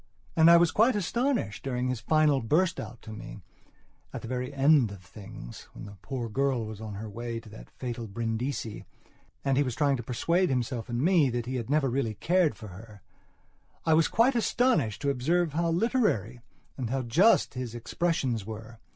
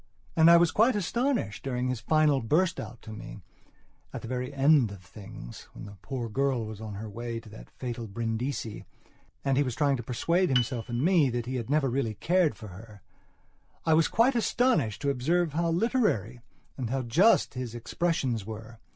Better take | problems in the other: first | background sound (Piano); 12 dB below the speech

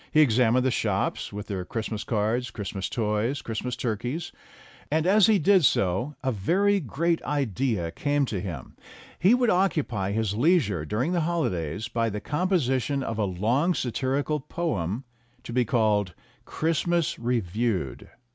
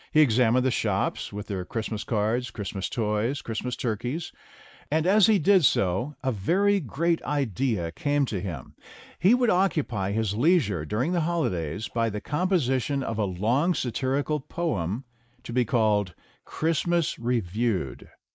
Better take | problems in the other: first | noise reduction (neural mask model Resemble Enhance denoiser)

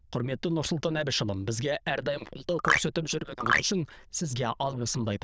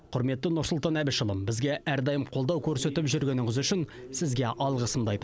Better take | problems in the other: second | noise reduction (neural diffusion model UNIVERSE++)

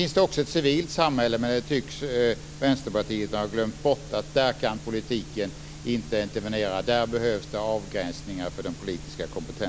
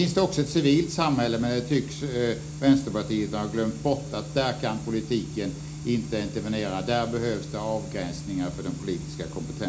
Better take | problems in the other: first | room echo; dies away in 0.4 s

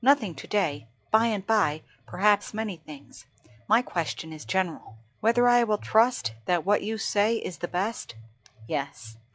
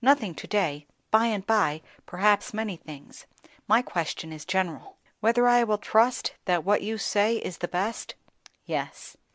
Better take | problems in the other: second | noise reduction (classical method log-MMSE)

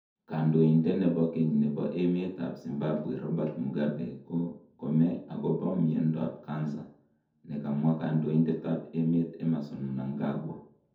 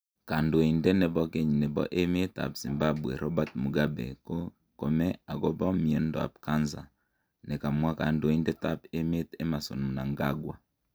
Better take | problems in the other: second | room echo; dies away in 0.5 s

